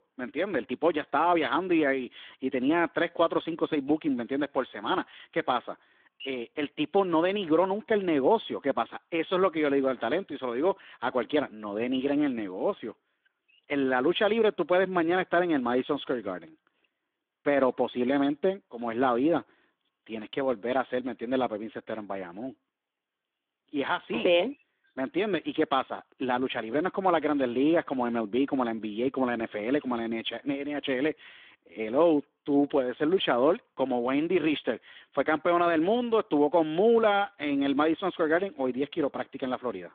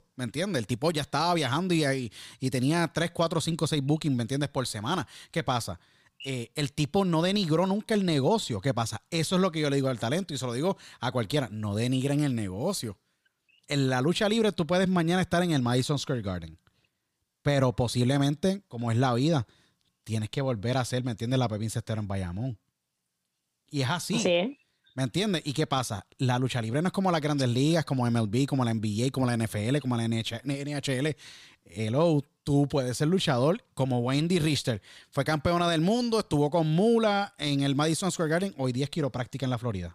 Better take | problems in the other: second | phone-call audio; nothing above 3.5 kHz

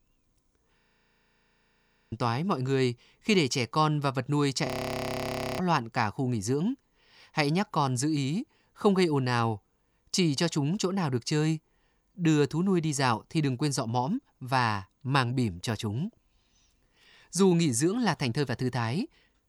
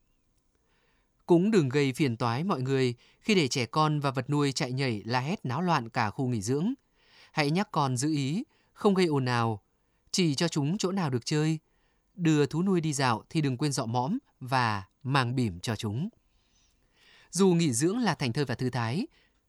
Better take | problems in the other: second | audio freezing; at 1 s for 1.5 s and at 4.5 s for 1 s

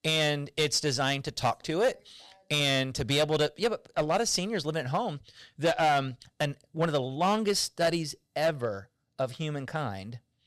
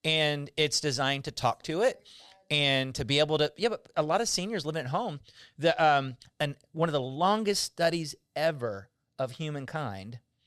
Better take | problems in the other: second | distortion; slight; 4% of the sound clipped

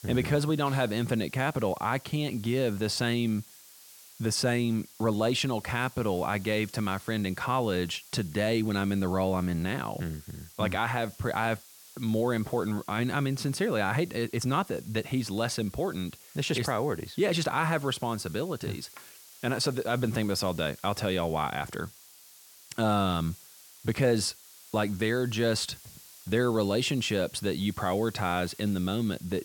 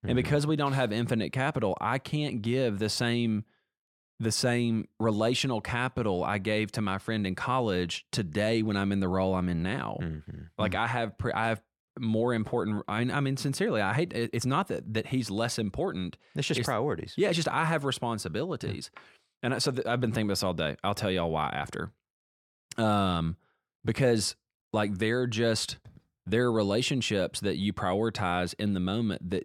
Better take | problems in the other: second | hiss; noticeable; throughout; 20 dB below the speech

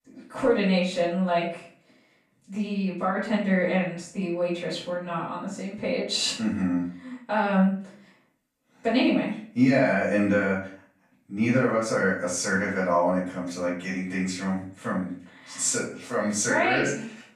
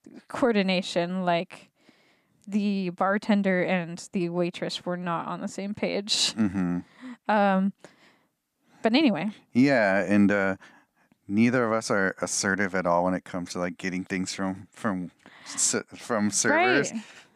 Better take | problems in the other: second | off-mic speech; far // room echo; noticeable; dies away in 0.4 s

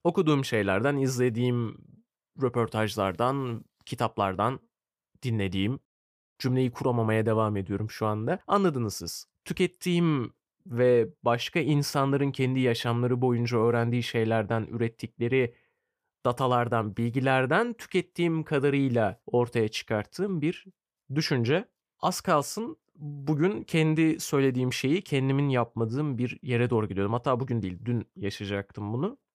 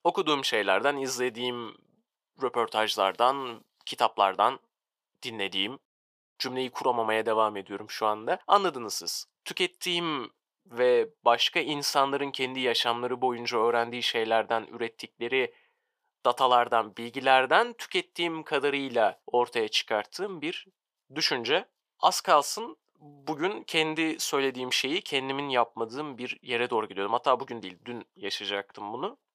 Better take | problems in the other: first | thin; very; fading below 450 Hz

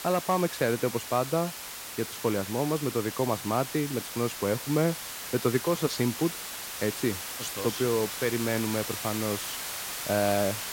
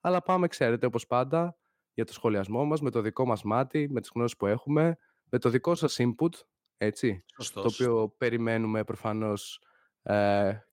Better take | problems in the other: second | hiss; loud; throughout; 6 dB below the speech

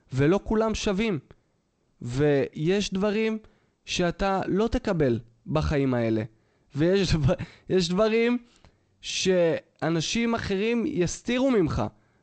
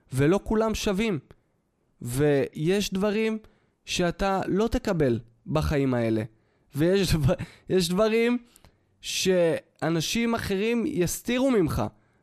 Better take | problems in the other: second | garbled, watery; slightly; nothing above 7.5 kHz

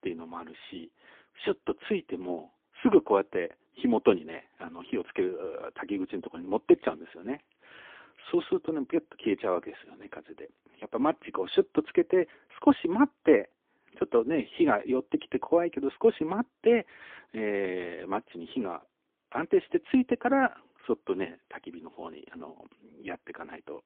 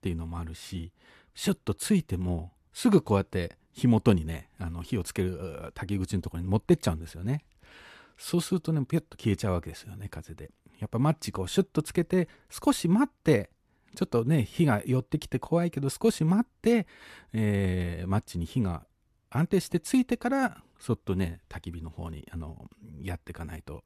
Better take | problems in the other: second | phone-call audio; poor line; nothing above 3.5 kHz

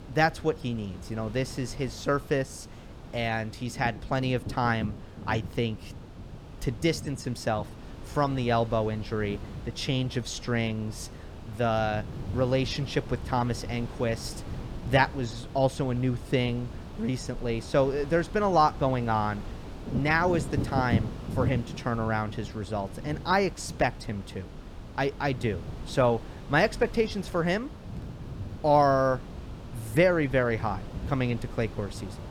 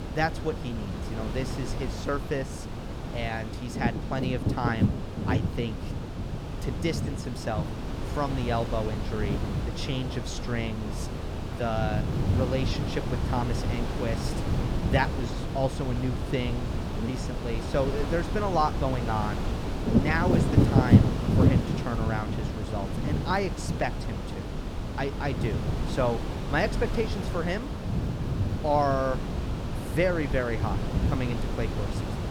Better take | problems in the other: first | wind noise on the microphone; heavy; 4 dB below the speech; occasional gusts in the first

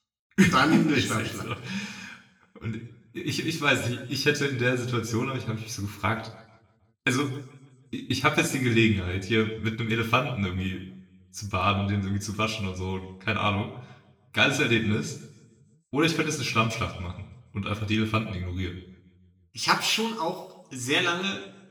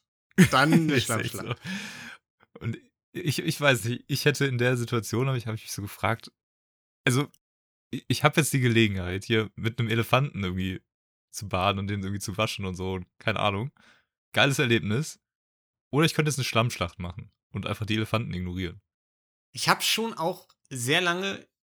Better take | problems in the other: second | room echo; slight; dies away in 0.8 s // off-mic speech; somewhat distant

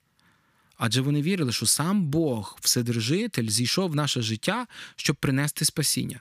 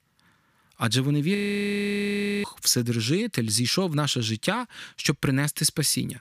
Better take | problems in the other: first | audio freezing; at 1.5 s for 1 s

